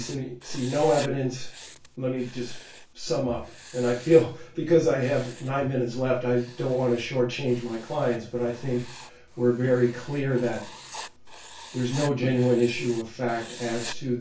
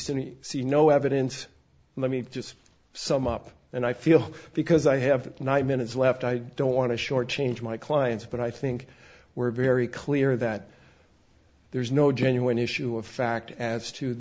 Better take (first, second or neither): second